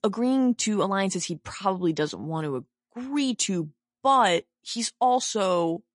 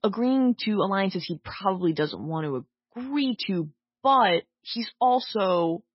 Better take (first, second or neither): first